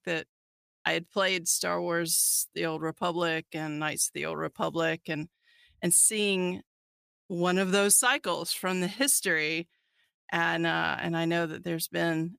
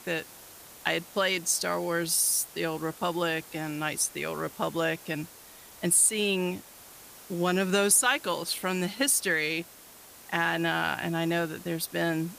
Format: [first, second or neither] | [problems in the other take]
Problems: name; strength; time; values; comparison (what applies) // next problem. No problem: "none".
first | hiss; noticeable; throughout; 20 dB below the speech